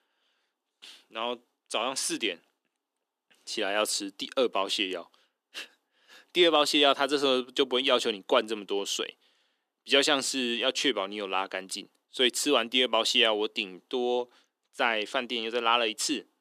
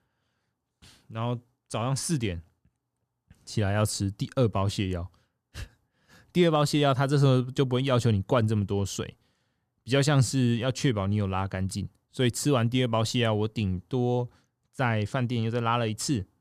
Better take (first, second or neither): second